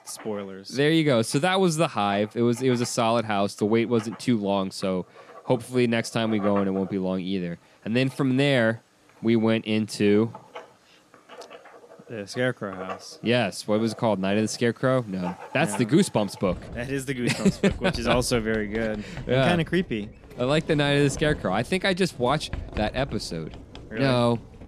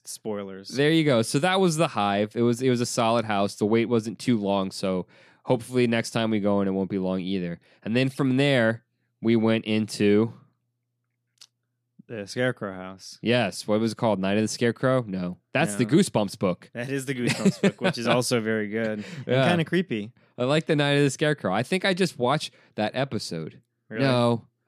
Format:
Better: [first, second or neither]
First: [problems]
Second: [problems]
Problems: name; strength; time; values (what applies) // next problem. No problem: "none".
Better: second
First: household noises; noticeable; throughout; 15 dB below the speech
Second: none